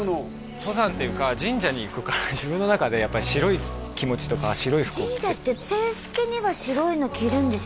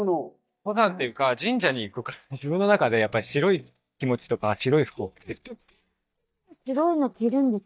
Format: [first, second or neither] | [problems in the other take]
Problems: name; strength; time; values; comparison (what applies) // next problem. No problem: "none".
first | noise reduction (neural mask model DeepFilterNet 3)